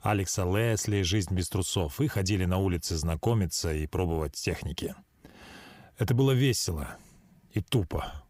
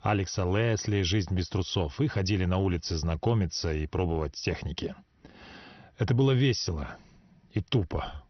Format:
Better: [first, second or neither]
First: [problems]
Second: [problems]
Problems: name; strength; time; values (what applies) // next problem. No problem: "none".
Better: first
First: none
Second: garbled, watery; slightly; nothing above 6 kHz